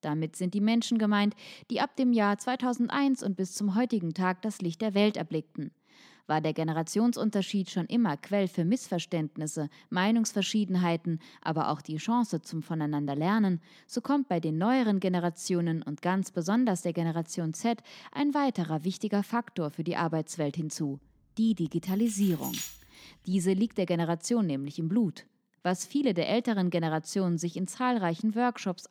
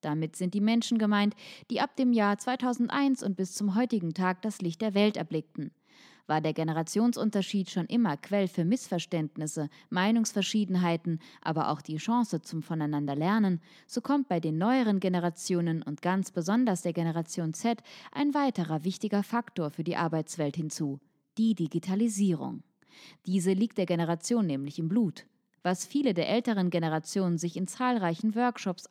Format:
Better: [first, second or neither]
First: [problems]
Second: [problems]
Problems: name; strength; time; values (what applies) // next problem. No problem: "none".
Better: second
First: jangling keys; noticeable; at 22 s; peak 6 dB below the speech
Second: none